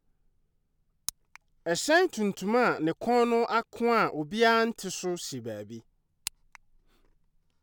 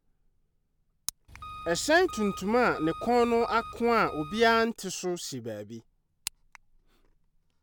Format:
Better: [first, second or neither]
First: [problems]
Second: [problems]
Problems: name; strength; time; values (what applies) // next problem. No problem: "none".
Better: first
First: none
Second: background sound (Engine); 14 dB below the speech